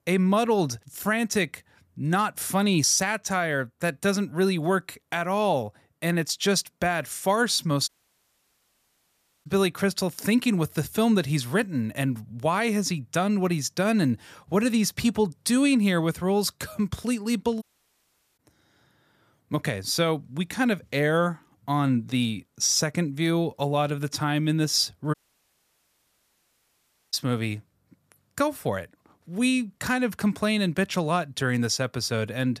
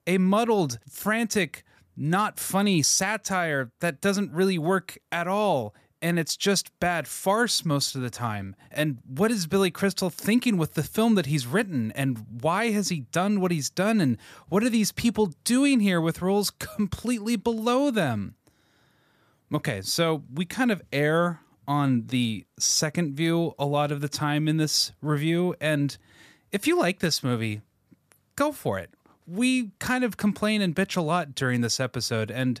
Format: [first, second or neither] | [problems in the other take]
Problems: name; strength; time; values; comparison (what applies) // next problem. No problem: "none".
second | audio cutting out; at 8 s for 1.5 s, at 18 s for 1 s and at 25 s for 2 s